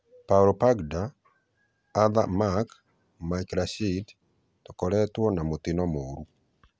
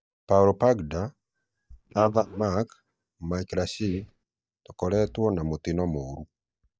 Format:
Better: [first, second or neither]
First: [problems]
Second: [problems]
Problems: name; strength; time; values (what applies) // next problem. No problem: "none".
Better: first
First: none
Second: noise reduction (neural mask model DeepFilterNet 3)